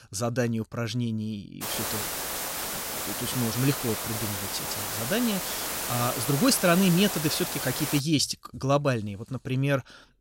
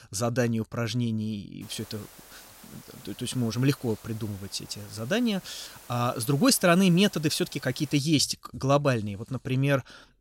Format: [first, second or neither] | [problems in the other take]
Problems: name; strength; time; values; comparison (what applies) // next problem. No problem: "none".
second | hiss; loud; from 1.5 to 8 s; 3 dB below the speech; faint in the second